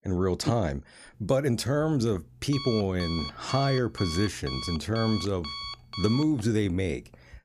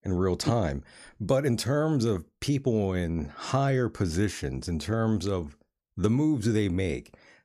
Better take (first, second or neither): second